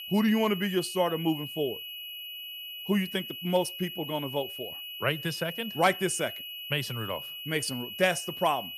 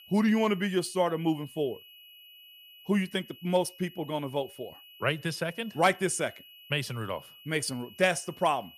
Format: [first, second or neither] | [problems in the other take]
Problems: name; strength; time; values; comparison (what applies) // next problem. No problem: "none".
second | high-pitched whine; loud; throughout; 3 kHz, 8 dB below the speech; faint in the second